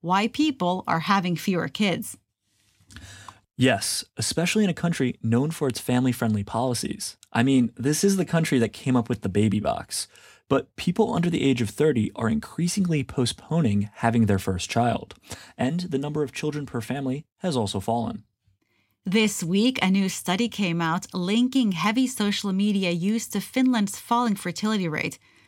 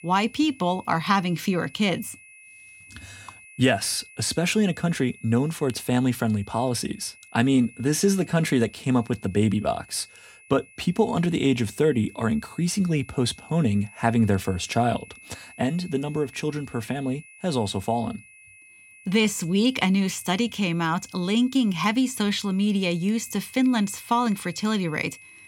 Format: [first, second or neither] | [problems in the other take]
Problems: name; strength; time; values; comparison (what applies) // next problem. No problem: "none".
first | high-pitched whine; faint; throughout; 2.5 kHz, 20 dB below the speech